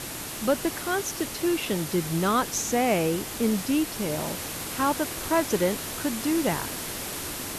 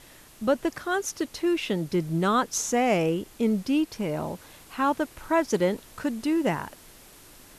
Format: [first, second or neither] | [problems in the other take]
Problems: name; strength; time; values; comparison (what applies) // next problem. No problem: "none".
second | hiss; loud; throughout; 5 dB below the speech; faint in the second